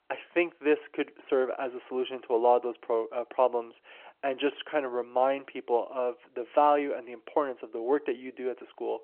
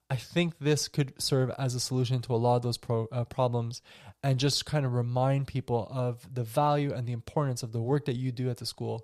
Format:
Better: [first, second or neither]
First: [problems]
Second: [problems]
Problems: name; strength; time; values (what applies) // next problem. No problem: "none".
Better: second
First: phone-call audio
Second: none